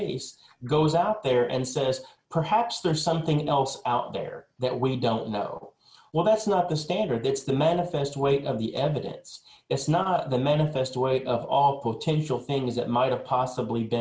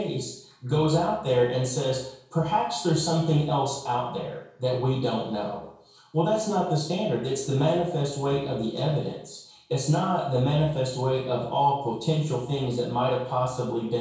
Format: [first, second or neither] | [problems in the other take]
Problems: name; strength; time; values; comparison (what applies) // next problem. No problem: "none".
first | room echo; dies away in 0.6 s